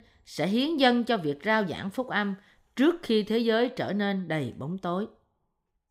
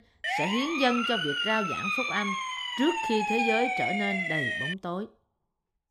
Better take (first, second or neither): first